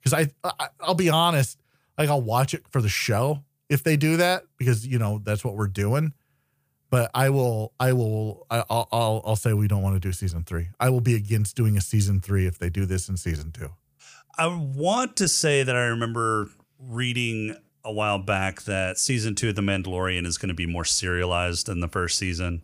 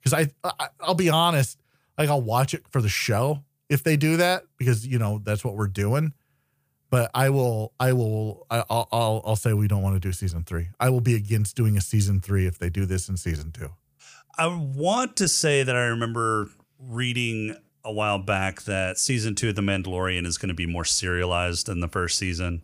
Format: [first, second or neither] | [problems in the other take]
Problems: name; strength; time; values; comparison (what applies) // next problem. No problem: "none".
neither | none